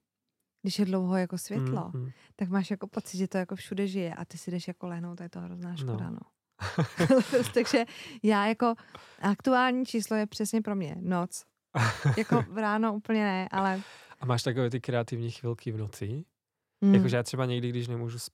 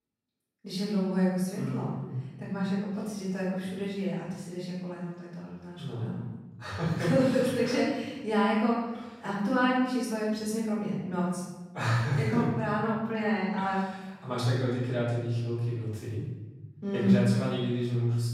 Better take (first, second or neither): first